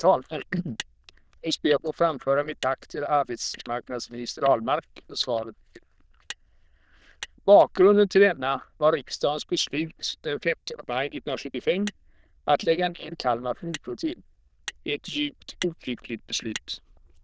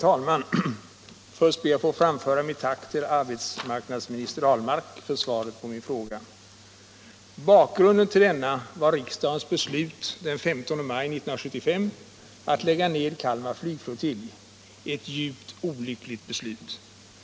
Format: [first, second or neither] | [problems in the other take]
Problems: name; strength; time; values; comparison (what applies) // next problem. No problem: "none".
second | noise reduction (neural diffusion model UNIVERSE++)